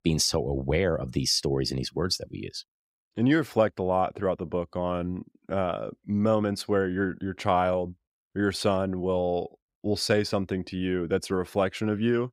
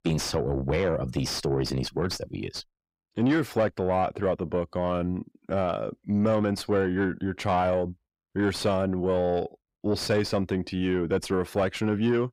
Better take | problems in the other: first | distortion; slight; 10 dB below the speech

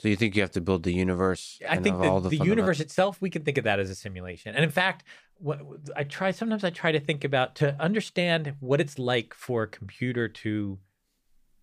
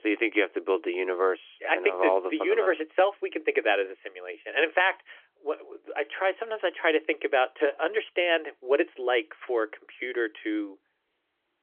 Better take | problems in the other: first | phone-call audio; nothing above 3.5 kHz

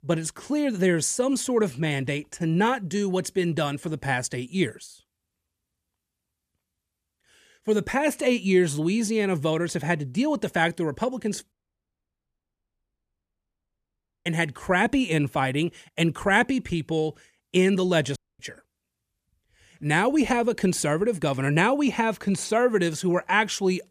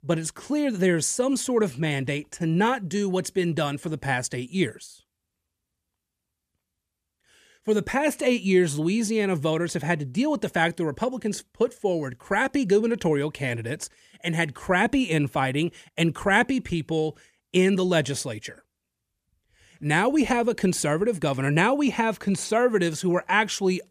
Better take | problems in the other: second | audio cutting out; at 12 s for 2.5 s and at 18 s

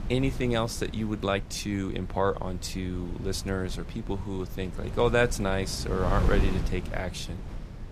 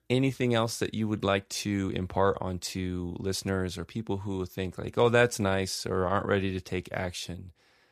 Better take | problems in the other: second | wind noise on the microphone; occasional gusts; 15 dB below the speech

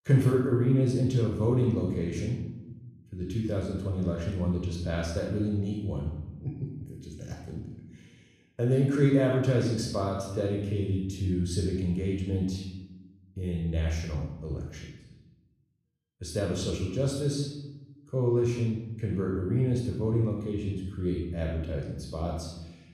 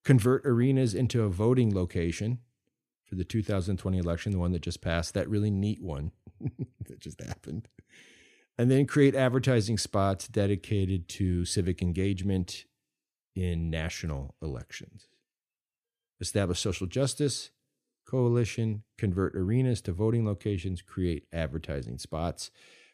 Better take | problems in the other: second | off-mic speech; far // room echo; noticeable; dies away in 0.9 s

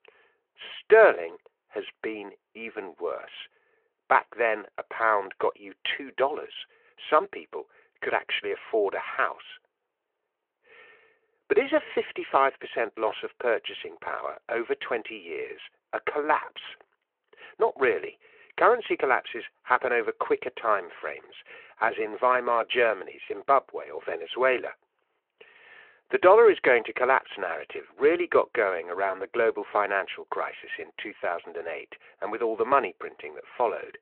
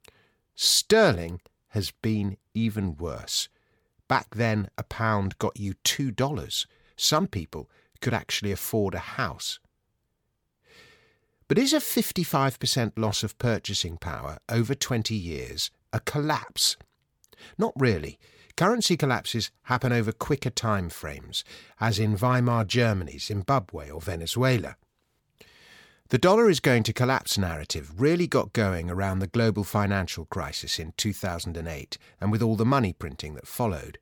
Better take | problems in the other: second | phone-call audio

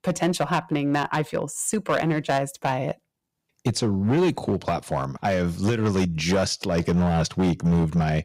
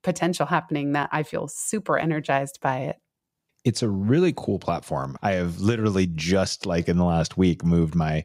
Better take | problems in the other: second | distortion; slight; 8% of the sound clipped

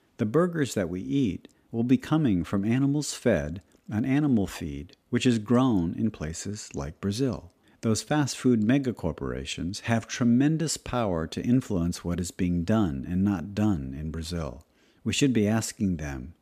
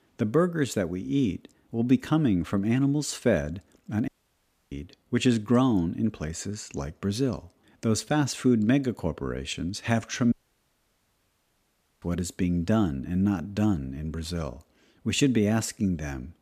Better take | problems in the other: first | audio cutting out; at 4 s for 0.5 s and at 10 s for 1.5 s

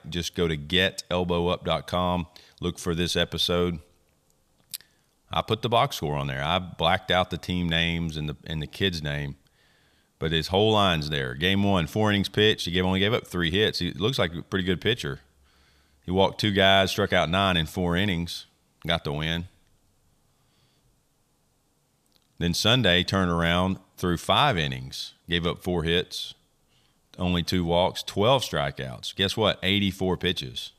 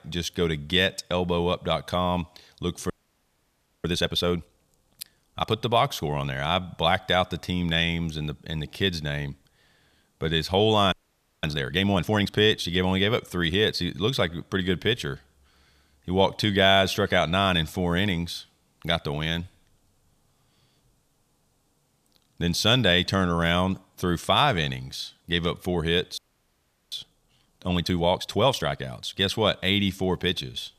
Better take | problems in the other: first | audio freezing; at 3 s for 1 s, at 11 s for 0.5 s and at 26 s for 0.5 s

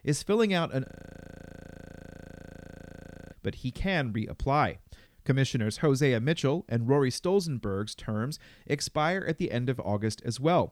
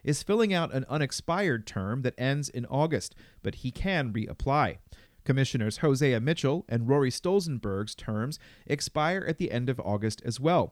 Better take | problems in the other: second | audio freezing; at 1 s for 2.5 s

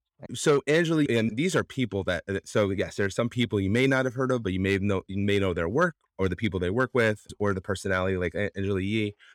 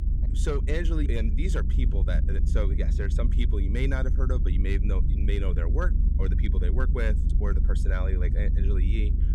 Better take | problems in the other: first | low rumble; loud; throughout; 7 dB below the speech

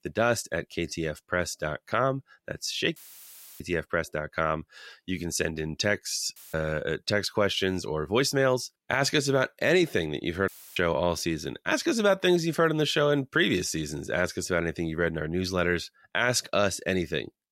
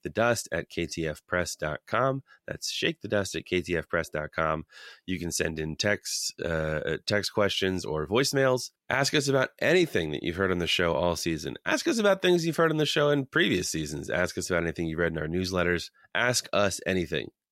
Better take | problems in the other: second | audio cutting out; filled with static; at 3 s for 0.5 s, at 6.5 s and at 10 s

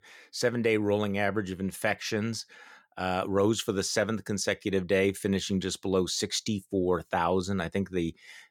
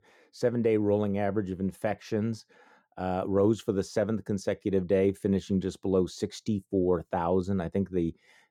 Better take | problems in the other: first | muffled; slightly; fading above 1 kHz

